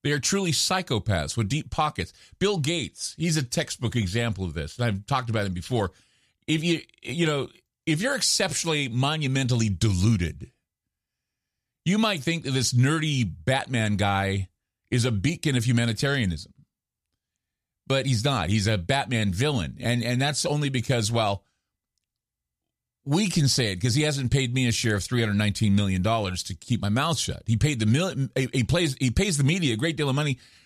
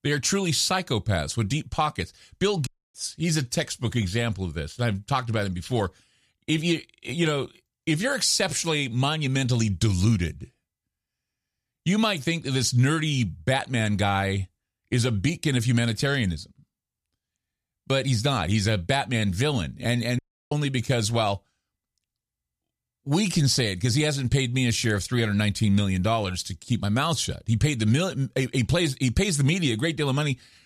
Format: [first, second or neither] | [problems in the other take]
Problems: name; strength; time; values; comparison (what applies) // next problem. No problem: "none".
first | audio cutting out; at 2.5 s and at 20 s